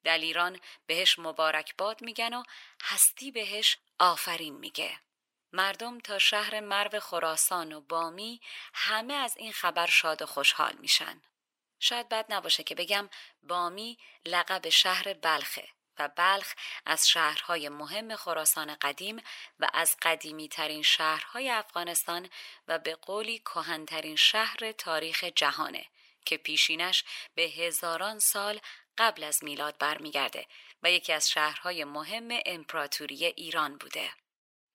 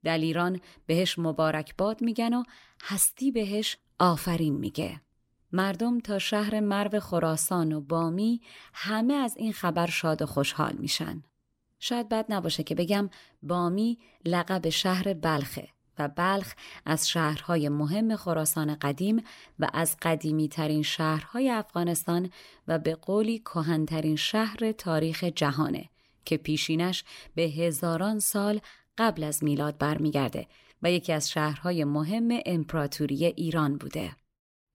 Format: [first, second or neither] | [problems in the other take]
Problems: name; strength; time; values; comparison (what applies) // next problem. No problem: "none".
second | thin; very; fading below 850 Hz